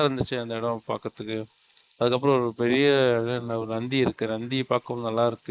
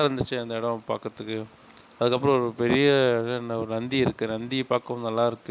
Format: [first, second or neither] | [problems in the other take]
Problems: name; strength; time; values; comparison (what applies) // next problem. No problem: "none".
second | noise reduction (neural mask model Resemble Enhance denoiser)